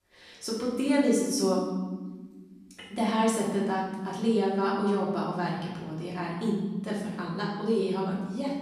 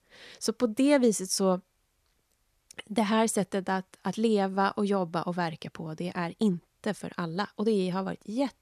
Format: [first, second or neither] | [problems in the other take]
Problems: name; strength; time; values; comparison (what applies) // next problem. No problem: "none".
second | off-mic speech; far // room echo; noticeable; dies away in 1.2 s